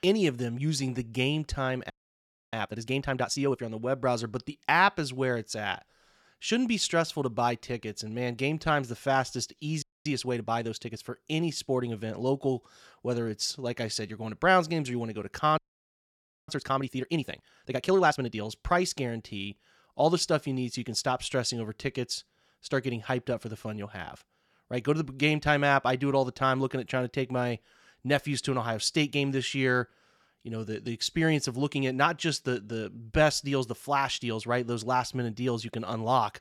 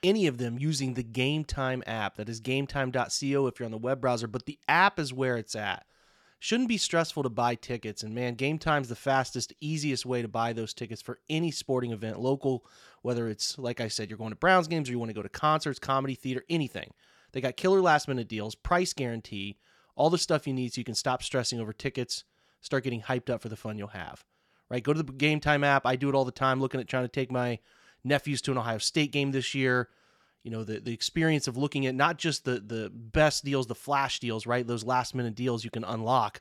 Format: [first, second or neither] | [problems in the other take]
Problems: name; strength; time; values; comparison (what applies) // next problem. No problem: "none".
second | audio freezing; at 2 s for 0.5 s, at 10 s and at 16 s for 1 s